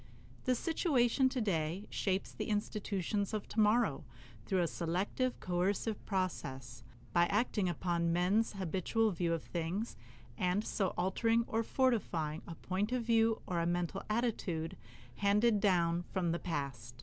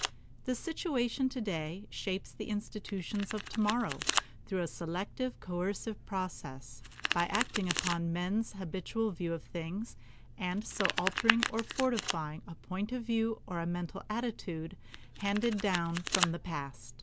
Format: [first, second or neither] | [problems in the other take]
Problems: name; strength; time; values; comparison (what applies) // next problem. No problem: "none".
first | background sound (Domestic sounds, home sounds); 6 dB below the speech